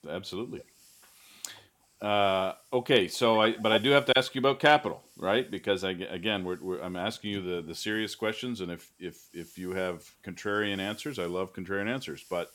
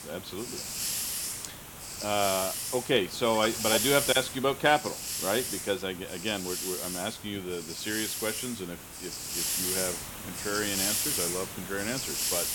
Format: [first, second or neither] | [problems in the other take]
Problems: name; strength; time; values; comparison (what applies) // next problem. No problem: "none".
first | hiss; loud; throughout; 1 dB below the speech; faint in the first